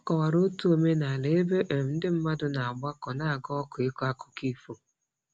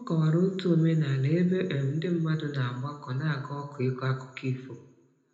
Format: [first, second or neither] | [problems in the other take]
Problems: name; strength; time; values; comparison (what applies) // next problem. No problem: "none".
first | room echo; dies away in 0.7 s